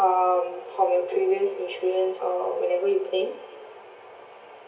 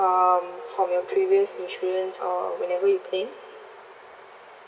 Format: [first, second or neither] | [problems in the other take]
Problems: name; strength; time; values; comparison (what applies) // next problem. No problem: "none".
second | room echo; dies away in 0.3 s